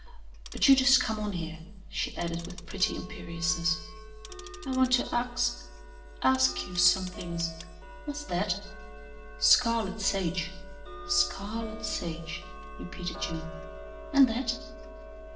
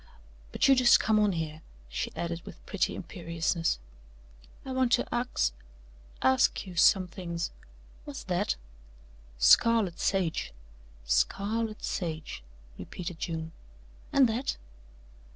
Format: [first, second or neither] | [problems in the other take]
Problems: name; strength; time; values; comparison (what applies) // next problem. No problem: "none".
second | background sound (Tick-tock); 15 dB below the speech // room echo; dies away in 0.7 s